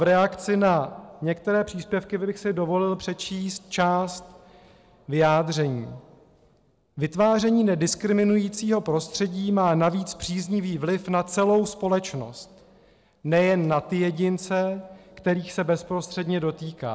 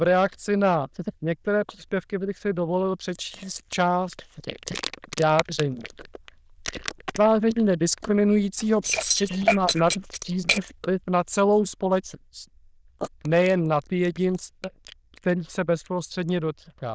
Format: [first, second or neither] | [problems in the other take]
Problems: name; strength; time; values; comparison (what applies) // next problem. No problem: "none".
first | noise reduction (neural diffusion model UNIVERSE++)